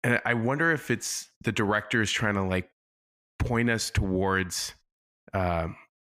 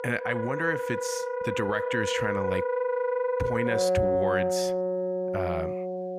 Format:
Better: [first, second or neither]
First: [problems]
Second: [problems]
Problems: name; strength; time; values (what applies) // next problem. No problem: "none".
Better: first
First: none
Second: background music; very loud; throughout; 3 dB above the speech